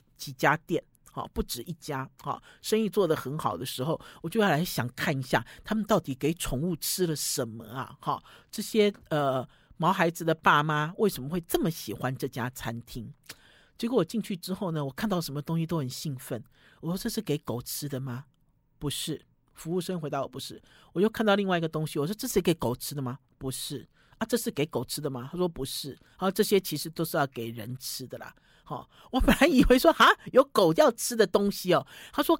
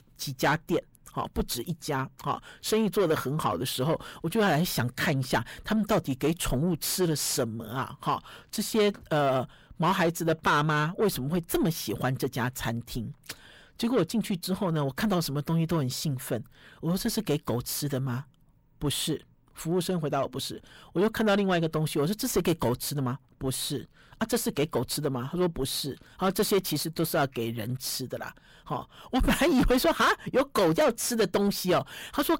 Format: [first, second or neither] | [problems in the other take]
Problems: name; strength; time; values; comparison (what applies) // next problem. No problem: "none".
first | distortion; heavy; 7 dB below the speech